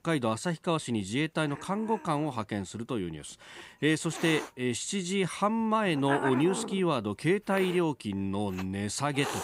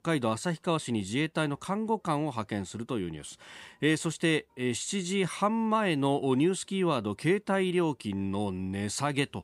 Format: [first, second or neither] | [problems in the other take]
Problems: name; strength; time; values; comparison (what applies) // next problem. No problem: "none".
second | hiss; loud; throughout; 10 dB below the speech